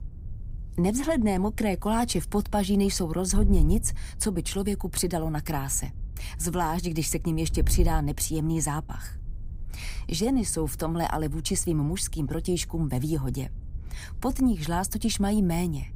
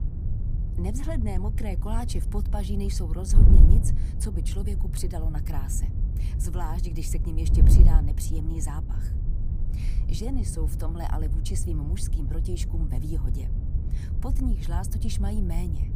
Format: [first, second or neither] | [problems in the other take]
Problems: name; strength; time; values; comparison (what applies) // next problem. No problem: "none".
first | wind noise on the microphone; heavy; 4 dB below the speech; occasional gusts in the first